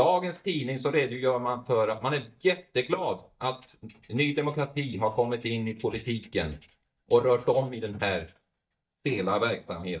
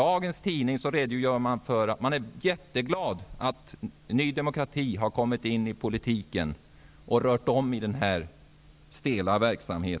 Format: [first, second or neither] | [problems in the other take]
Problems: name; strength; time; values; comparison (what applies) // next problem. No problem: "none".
second | noise reduction (neural mask model DeepFilterNet 3)